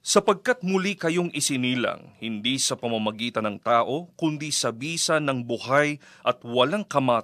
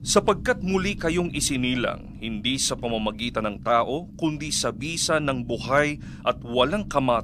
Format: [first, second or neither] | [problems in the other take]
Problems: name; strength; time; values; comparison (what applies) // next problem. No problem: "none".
first | low rumble; faint; throughout; 25 dB below the speech